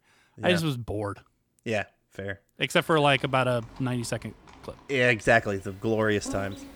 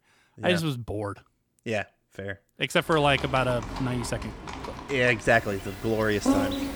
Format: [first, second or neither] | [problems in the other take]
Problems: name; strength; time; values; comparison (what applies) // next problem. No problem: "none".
first | animal sounds; loud; from 3 s on; 7 dB below the speech; faint in the first